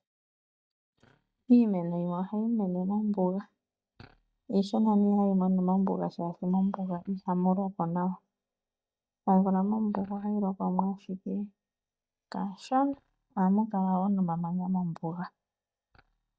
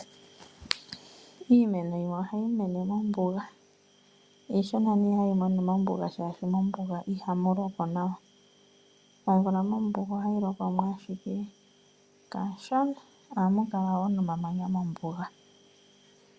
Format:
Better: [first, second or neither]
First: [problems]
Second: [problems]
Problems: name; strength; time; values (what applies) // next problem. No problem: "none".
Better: second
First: noise reduction (neural mask model DeepFilterNet 3)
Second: none